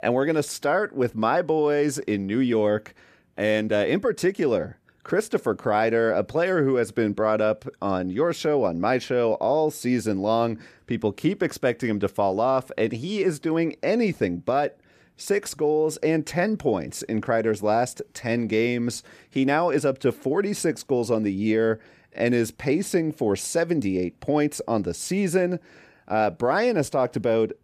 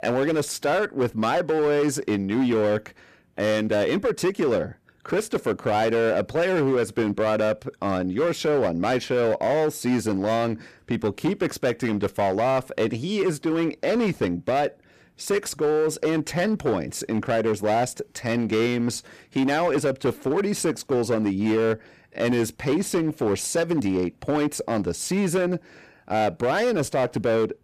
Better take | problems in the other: first | distortion; slight; 13% of the sound clipped

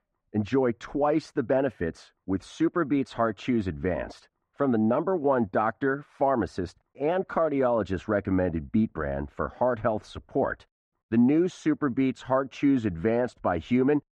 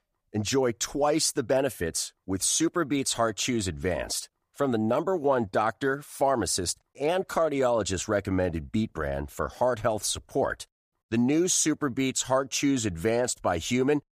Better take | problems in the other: second | muffled; very; fading above 1.5 kHz

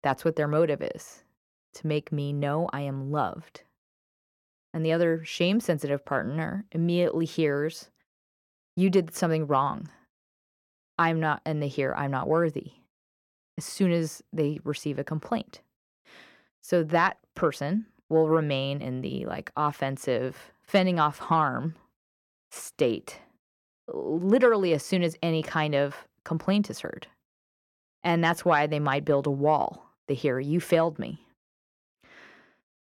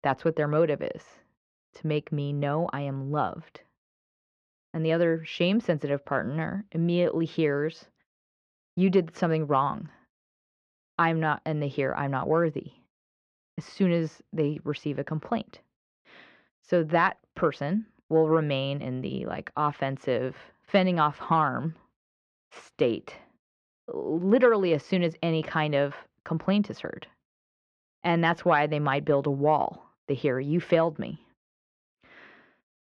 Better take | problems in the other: first | muffled; very slightly; fading above 4 kHz

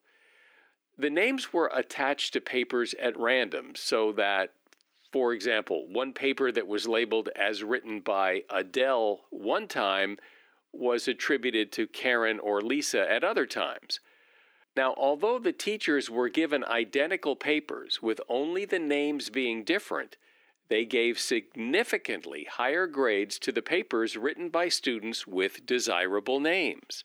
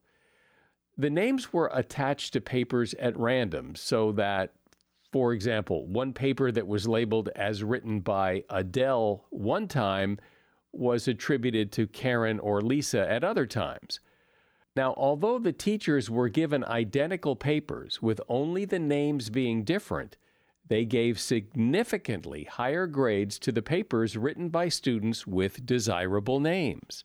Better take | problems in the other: second | thin; somewhat; fading below 300 Hz

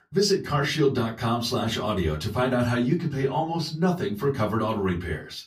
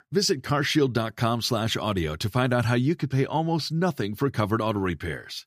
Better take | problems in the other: second | off-mic speech; far // room echo; very slight; dies away in 0.2 s

